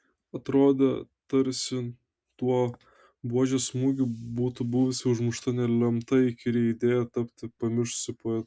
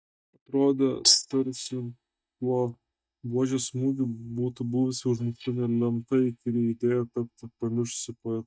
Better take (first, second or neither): first